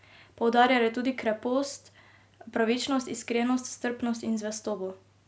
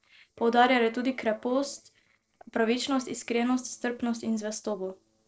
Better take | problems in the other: first | noise reduction (neural separator model SepFormer DNS4)

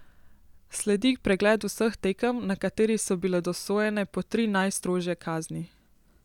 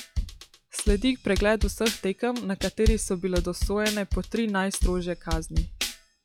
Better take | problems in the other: first | noise reduction (classical method log-MMSE)

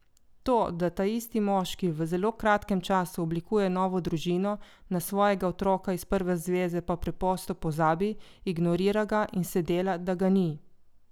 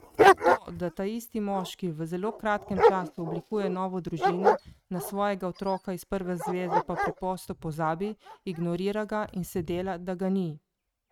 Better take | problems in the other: first | noise reduction (neural mask model RNNoise)

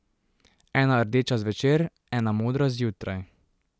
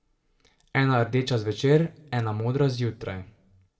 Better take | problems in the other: first | room echo; dies away in 0.4 s

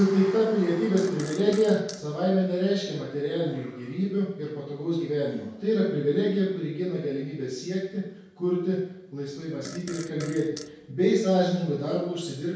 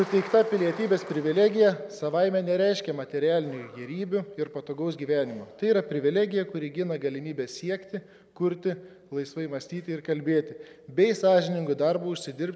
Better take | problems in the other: second | background sound (Fart); 17 dB below the speech // room echo; dies away in 0.6 s

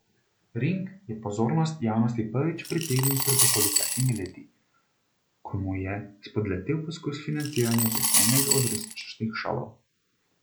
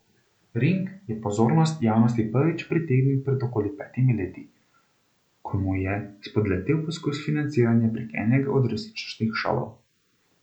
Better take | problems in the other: second | background sound (Coin (dropping) / Glass); 2 dB above the speech

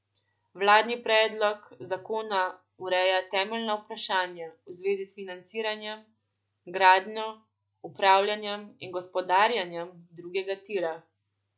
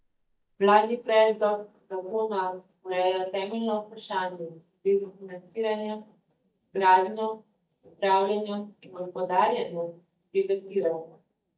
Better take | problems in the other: first | noise reduction (neural mask model DeepFilterNet 3)

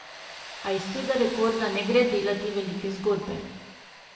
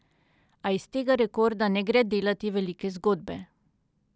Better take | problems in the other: second | background sound (Tools); 13 dB below the speech // room echo; dies away in 0.9 s

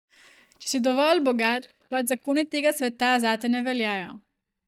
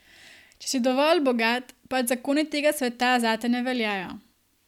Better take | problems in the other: second | noise reduction (neural mask model DeepFilterNet 3)

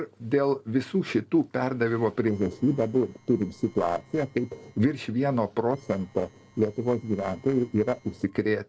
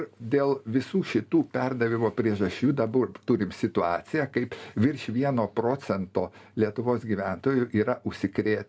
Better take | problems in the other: second | noise reduction (neural separator model SepFormer DNS4)

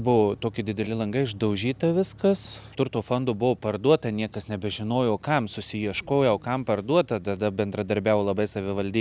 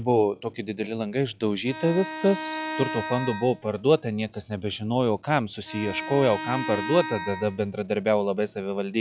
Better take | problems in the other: first | noise reduction (classical method log-MMSE)

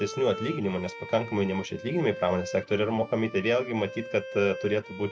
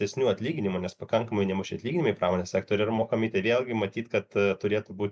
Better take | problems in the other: second | background sound (Bowed string instrument); 12 dB below the speech

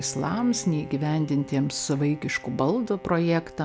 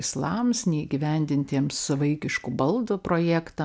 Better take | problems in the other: second | background sound (Bowed string instrument); 18 dB below the speech

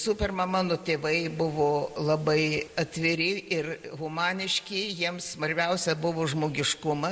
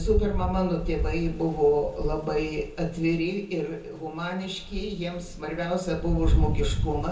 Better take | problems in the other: first | background sound (Rain); 2 dB below the speech // room echo; dies away in 0.6 s

